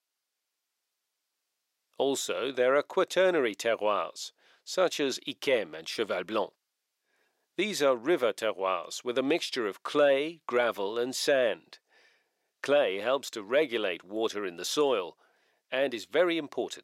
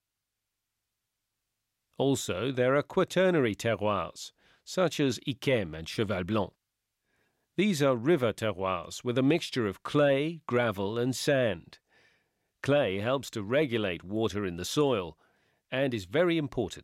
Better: second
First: thin; somewhat; fading below 450 Hz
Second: none

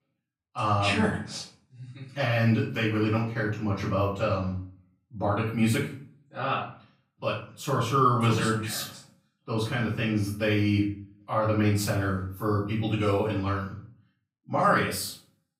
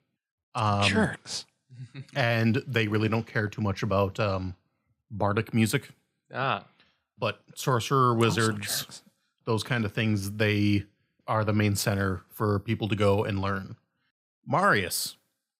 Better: second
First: room echo; noticeable; dies away in 0.4 s // off-mic speech; far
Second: none

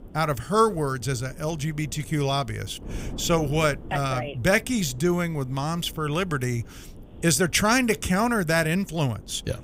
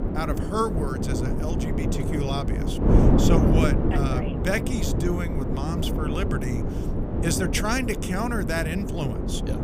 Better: first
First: wind noise on the microphone; occasional gusts; 25 dB below the speech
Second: wind noise on the microphone; heavy; 1 dB below the speech

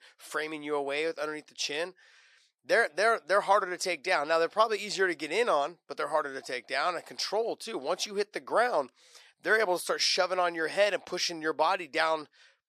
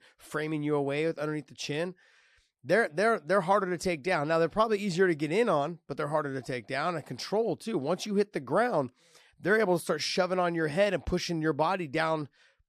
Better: second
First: thin; somewhat; fading below 500 Hz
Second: none

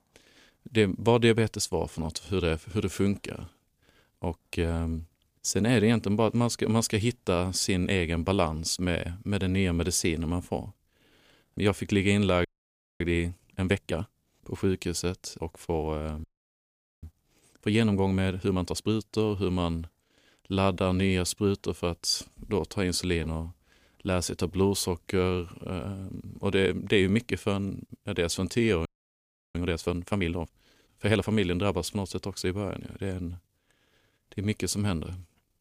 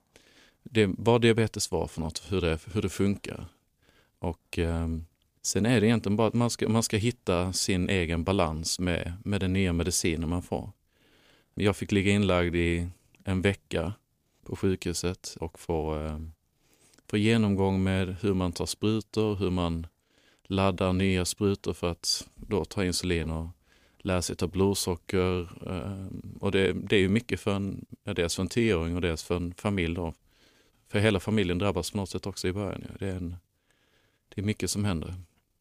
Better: second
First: audio freezing; at 12 s for 0.5 s, at 16 s for 1 s and at 29 s for 0.5 s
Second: none

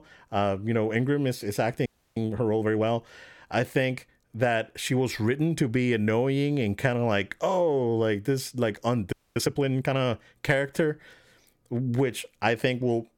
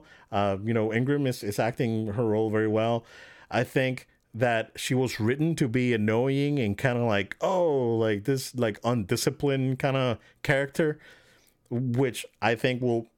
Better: second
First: audio freezing; at 2 s and at 9 s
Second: none

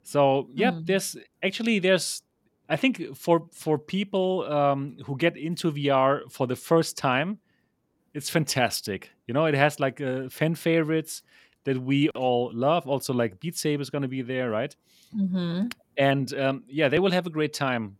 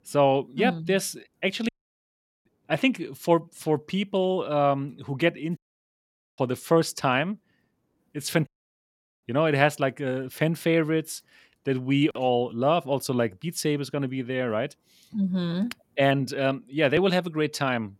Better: first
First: none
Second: audio cutting out; at 1.5 s for 1 s, at 5.5 s for 1 s and at 8.5 s for 1 s

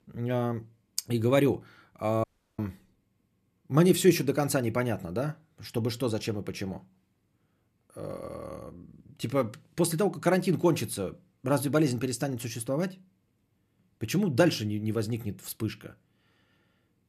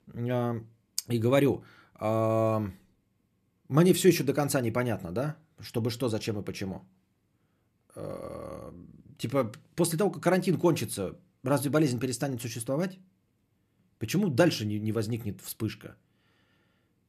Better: second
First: audio cutting out; at 2 s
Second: none

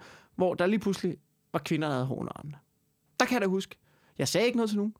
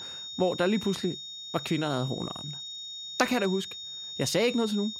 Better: first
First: none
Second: high-pitched whine; loud; throughout; 3.5 kHz, 8 dB below the speech

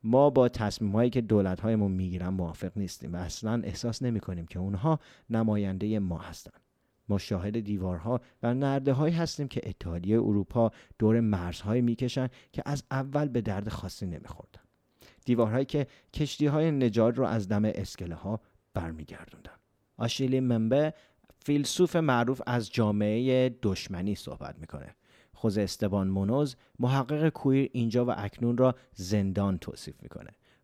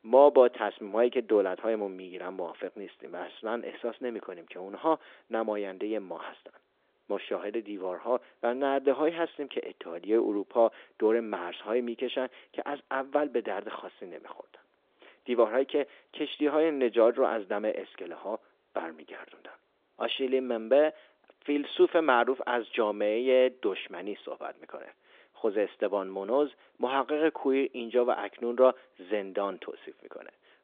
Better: first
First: none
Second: phone-call audio; nothing above 3.5 kHz

